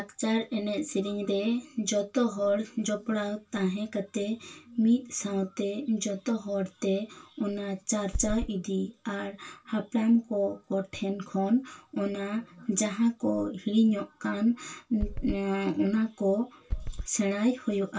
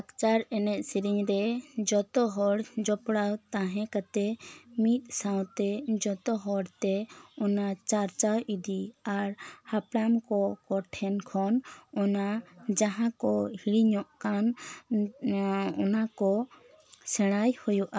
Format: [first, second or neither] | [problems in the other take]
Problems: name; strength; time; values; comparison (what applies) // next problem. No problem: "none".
second | background sound (Run); 4 dB below the speech // room echo; dies away in 0.2 s